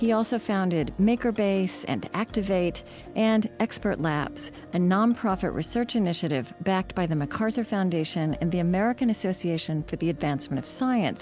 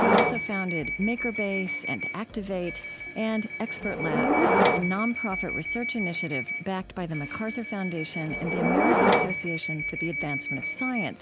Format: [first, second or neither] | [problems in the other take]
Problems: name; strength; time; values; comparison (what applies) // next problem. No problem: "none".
first | background sound (Subway, metro, underground / Door); 3 dB above the speech